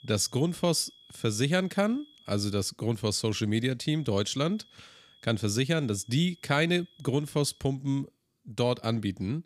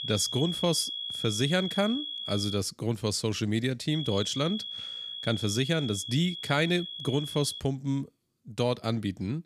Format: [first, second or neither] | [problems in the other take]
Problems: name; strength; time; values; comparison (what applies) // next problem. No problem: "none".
first | high-pitched whine; loud; until 2.5 s and from 4 to 7.5 s; 3.5 kHz, 6 dB below the speech; faint in the first